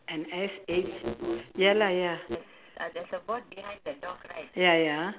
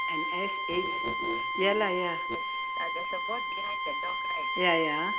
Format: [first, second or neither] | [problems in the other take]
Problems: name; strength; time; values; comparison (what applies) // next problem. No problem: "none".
first | background sound (Bowed string instrument); 1 dB above the speech